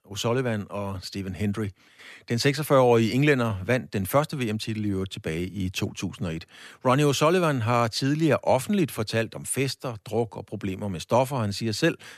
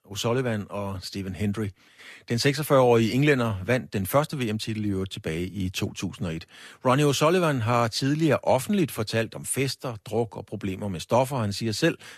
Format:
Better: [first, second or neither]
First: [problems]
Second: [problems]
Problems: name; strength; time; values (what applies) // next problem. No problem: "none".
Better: first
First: none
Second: garbled, watery; slightly; nothing above 13.5 kHz